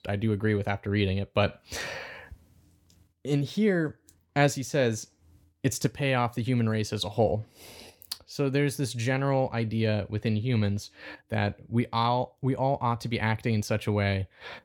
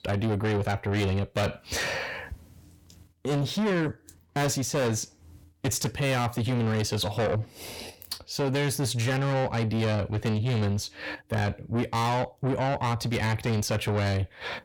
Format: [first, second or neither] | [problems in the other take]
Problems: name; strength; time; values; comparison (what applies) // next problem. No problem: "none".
first | distortion; heavy; 6 dB below the speech